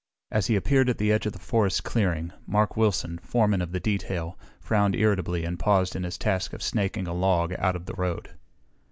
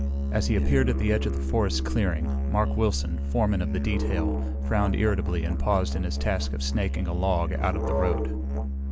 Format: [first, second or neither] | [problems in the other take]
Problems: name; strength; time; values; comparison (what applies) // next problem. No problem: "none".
first | background sound (Musical instrument); 1 dB above the speech